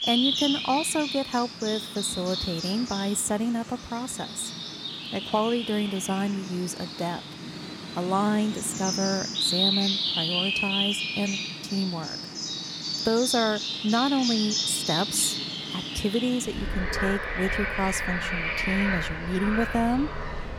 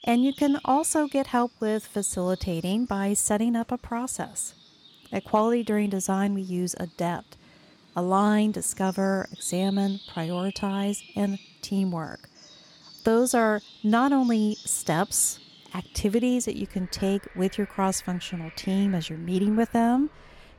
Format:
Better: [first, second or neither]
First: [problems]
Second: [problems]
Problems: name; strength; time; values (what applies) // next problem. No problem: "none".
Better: second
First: animal sounds; loud; throughout; 1 dB below the speech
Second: animal sounds; faint; throughout; 20 dB below the speech